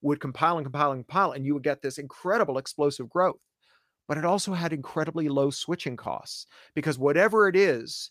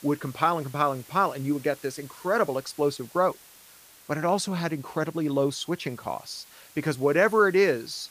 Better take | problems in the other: first | hiss; faint; throughout; 20 dB below the speech

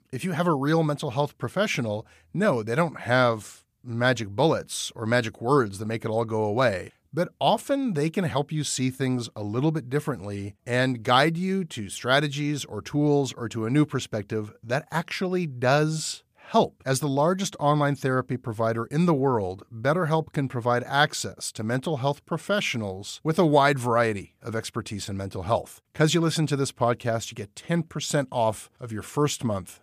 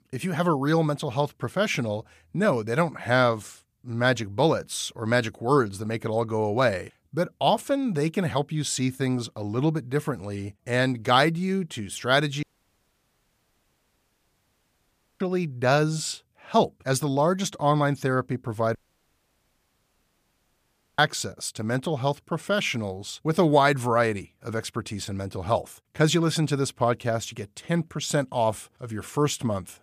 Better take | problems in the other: first | audio cutting out; at 12 s for 3 s and at 19 s for 2 s

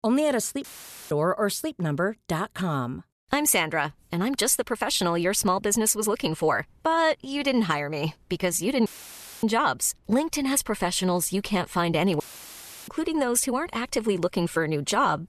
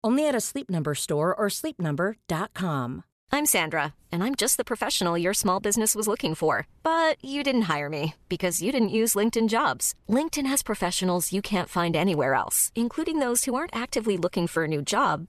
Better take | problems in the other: second | audio cutting out; filled with static; at 0.5 s, at 9 s for 0.5 s and at 12 s for 0.5 s

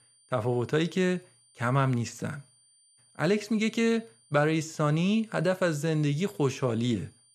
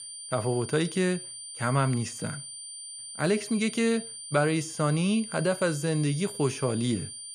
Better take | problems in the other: first | high-pitched whine; loud; throughout; 9 kHz, 10 dB below the speech; faint in the first

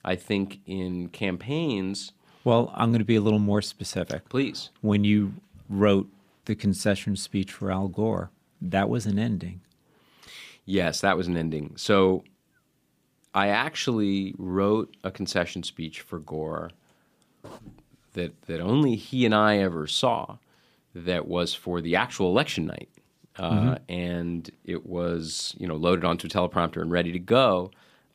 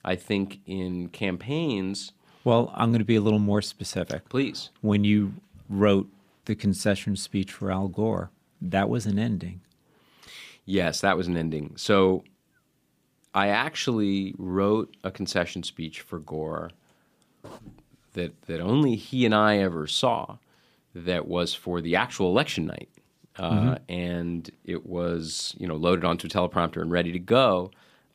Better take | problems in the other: neither | none

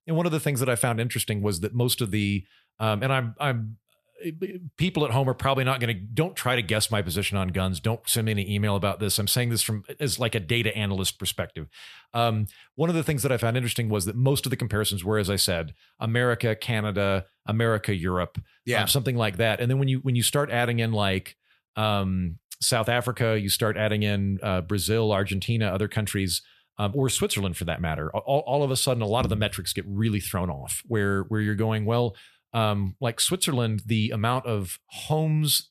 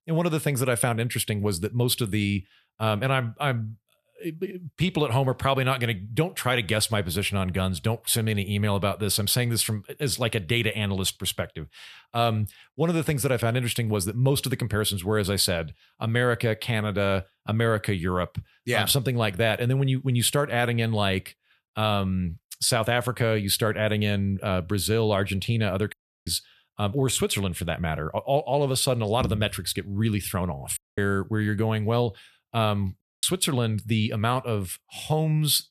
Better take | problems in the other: first | audio cutting out; at 26 s, at 31 s and at 33 s

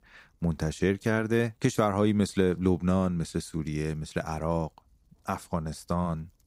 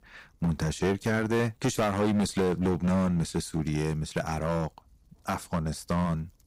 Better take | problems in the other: first | distortion; heavy; 10% of the sound clipped

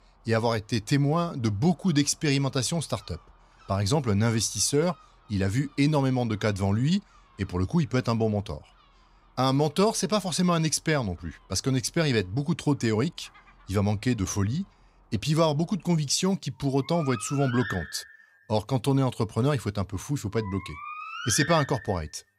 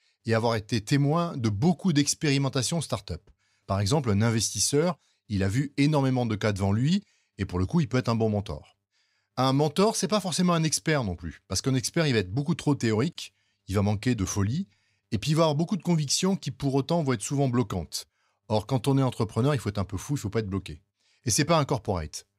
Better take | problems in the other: second | animal sounds; noticeable; throughout; 10 dB below the speech

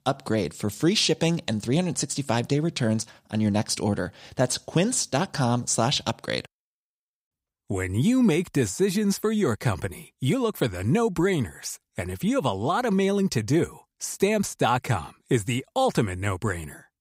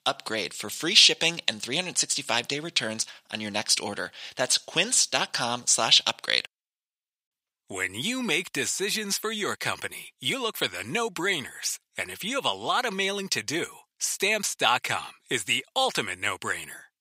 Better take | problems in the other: first | thin; somewhat; fading below 1 kHz

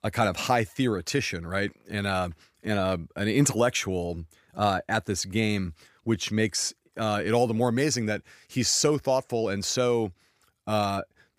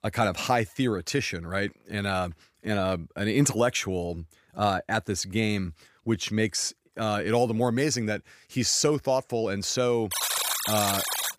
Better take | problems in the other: first | alarm; loud; from 10 s on; peak 2 dB above the speech

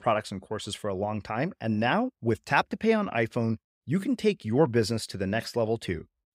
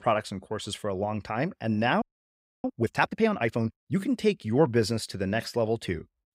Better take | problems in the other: first | audio freezing; at 2 s for 0.5 s

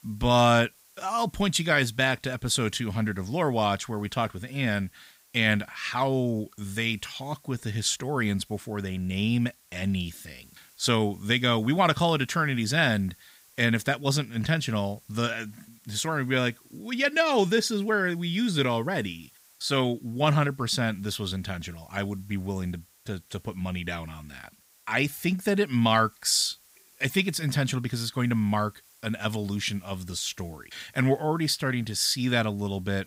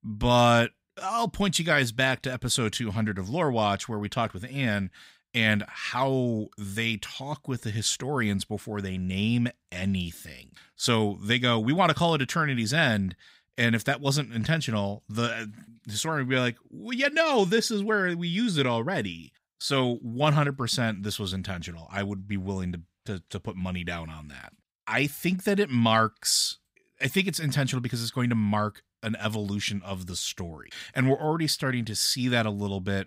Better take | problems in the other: second | hiss; faint; throughout; 30 dB below the speech

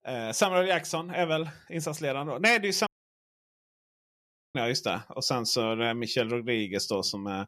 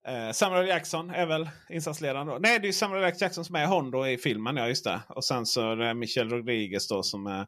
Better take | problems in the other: second | audio cutting out; at 3 s for 1.5 s

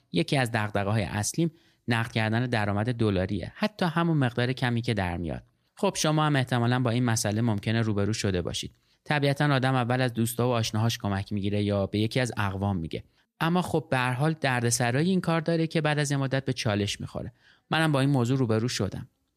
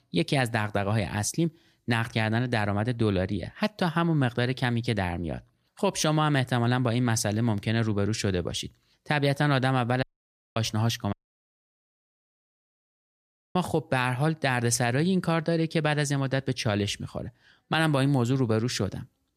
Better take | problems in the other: first | audio cutting out; at 10 s for 0.5 s and at 11 s for 2.5 s

